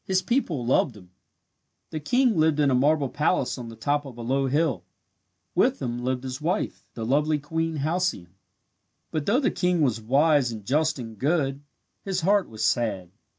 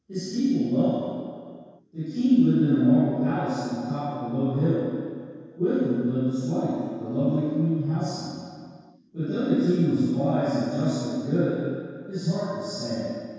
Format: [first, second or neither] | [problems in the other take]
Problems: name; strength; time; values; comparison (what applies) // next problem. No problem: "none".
first | room echo; dies away in 2 s